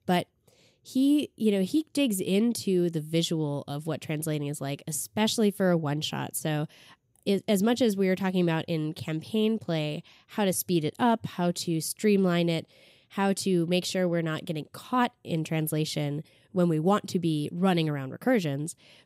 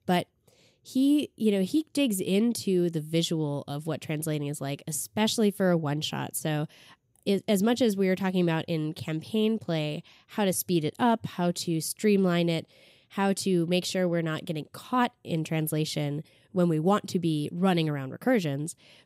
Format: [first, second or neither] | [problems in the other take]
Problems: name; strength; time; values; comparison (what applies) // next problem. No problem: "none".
neither | none